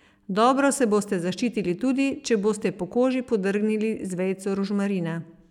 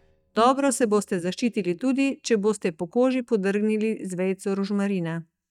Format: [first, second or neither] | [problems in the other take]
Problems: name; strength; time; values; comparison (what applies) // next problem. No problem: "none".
first | noise reduction (neural mask model DeepFilterNet 3)